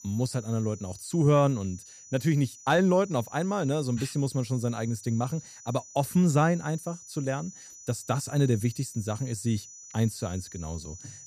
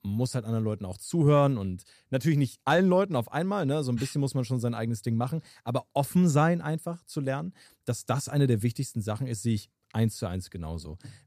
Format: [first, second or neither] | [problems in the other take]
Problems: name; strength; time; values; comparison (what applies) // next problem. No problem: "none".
second | high-pitched whine; noticeable; throughout; 6 kHz, 15 dB below the speech